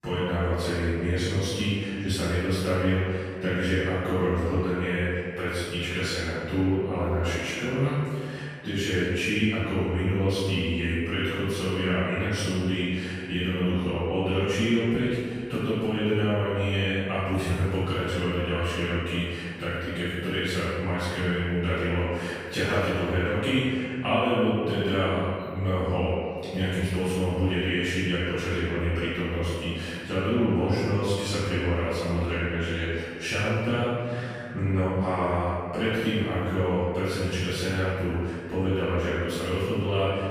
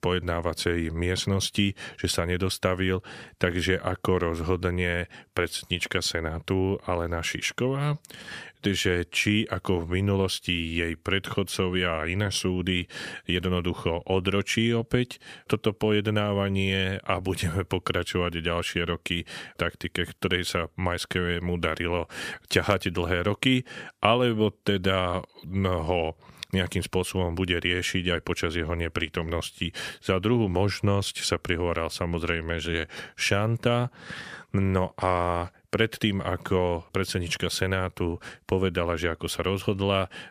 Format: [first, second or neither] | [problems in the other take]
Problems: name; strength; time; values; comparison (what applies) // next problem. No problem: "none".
second | off-mic speech; far // room echo; strong; dies away in 2 s